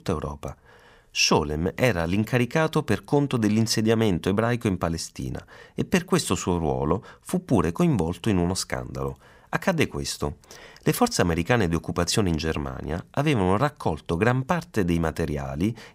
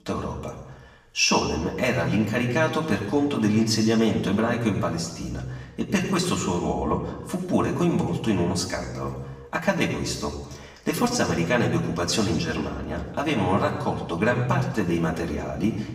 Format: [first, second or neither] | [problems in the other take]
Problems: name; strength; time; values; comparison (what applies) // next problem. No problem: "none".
first | room echo; slight; dies away in 1 s // off-mic speech; far